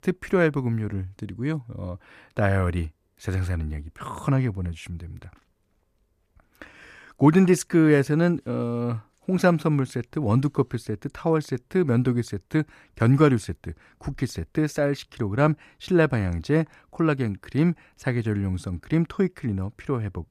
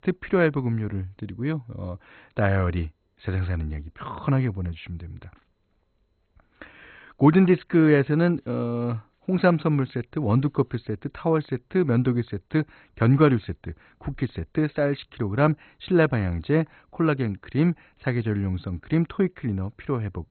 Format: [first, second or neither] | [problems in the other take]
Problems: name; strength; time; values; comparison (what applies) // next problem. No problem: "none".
first | garbled, watery; badly; nothing above 4 kHz